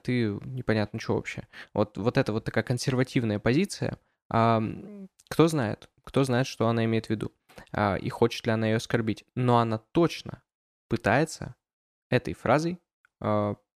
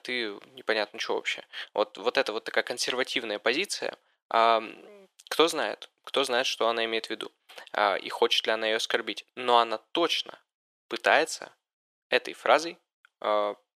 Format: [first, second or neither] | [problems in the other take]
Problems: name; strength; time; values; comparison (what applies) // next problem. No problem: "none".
first | thin; very; fading below 450 Hz